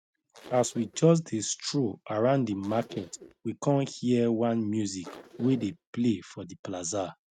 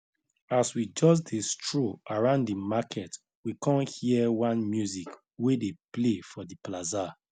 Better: second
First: noise reduction (neural mask model RNNoise)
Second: none

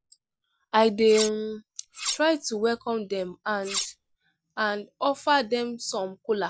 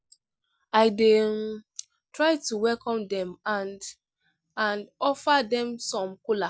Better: second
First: background sound (Cutlery, silverware); 7 dB below the speech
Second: none

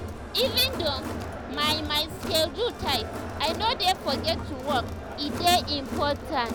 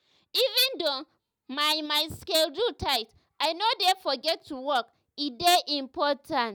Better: second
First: background sound (Crowd); 6 dB below the speech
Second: none

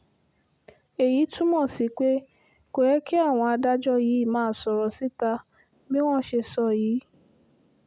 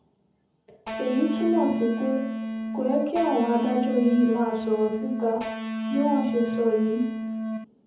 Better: first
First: none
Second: background sound (Electric guitar); 3 dB below the speech // room echo; dies away in 0.7 s

